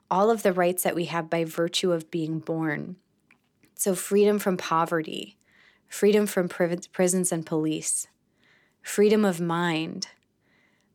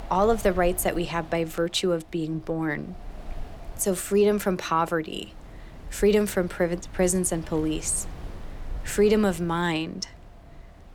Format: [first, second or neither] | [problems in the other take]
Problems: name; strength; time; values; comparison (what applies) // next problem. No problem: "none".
first | wind noise on the microphone; occasional gusts; 20 dB below the speech